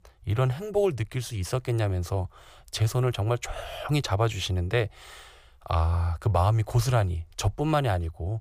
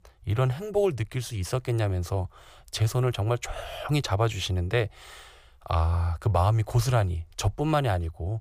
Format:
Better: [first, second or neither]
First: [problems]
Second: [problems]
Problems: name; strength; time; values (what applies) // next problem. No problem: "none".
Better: neither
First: none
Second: none